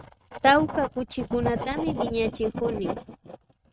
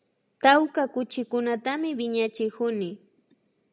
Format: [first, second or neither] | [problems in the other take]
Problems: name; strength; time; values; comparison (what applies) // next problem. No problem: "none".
second | noise reduction (neural mask model RNNoise)